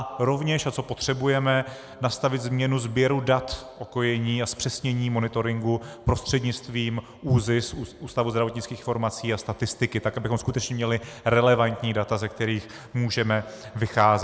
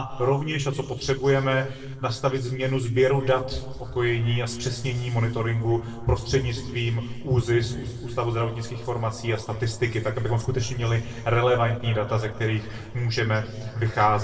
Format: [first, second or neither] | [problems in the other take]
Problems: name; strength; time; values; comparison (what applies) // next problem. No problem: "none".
first | noise reduction (neural separator model SepFormer DNS4)